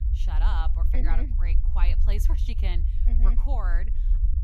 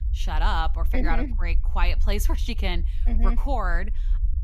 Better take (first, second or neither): second